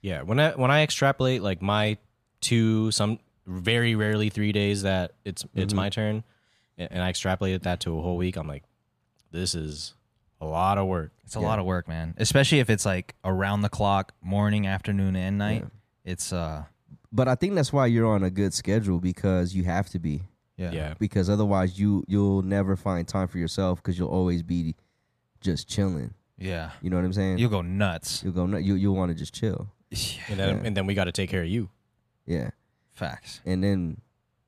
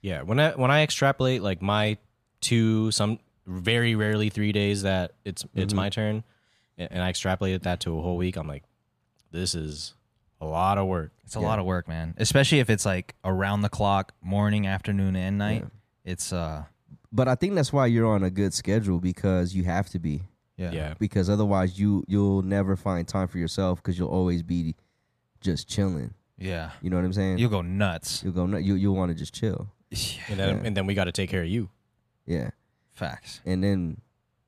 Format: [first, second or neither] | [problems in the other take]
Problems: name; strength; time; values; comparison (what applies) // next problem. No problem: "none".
neither | none